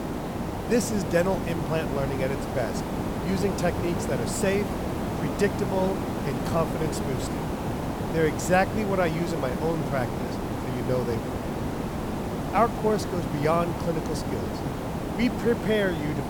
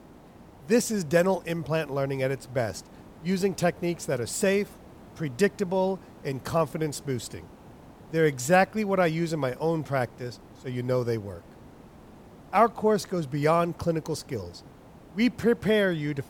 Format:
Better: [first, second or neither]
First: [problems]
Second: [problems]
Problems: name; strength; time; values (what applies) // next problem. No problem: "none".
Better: second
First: hiss; loud; throughout; 2 dB below the speech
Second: hiss; faint; throughout; 25 dB below the speech